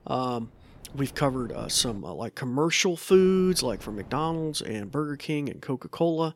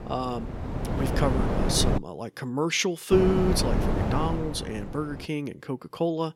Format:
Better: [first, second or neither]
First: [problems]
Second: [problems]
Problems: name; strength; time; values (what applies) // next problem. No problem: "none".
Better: first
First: wind noise on the microphone; occasional gusts; until 2 s and from 3 to 5.5 s; 25 dB below the speech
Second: wind noise on the microphone; heavy; until 2 s and from 3 to 5.5 s; 3 dB below the speech